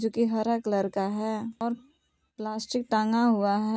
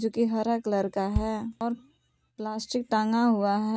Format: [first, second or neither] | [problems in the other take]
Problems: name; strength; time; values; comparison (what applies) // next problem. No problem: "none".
first | background sound (Bass drum); 11 dB below the speech